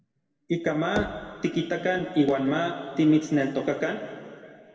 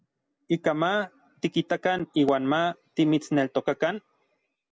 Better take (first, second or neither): second